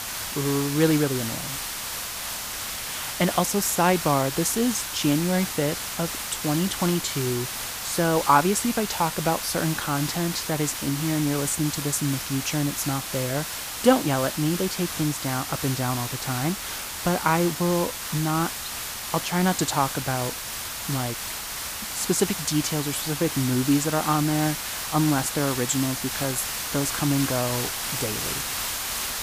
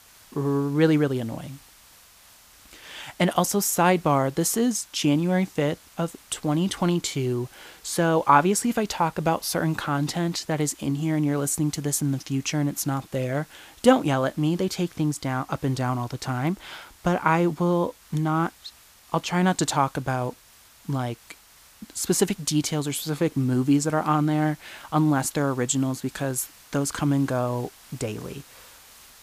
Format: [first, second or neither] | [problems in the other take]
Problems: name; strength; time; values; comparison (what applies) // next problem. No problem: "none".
second | hiss; loud; throughout; 4 dB below the speech; faint in the second